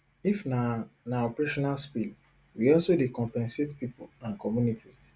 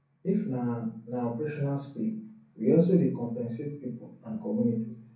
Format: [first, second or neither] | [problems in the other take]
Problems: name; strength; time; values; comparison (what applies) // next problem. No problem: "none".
first | room echo; dies away in 0.6 s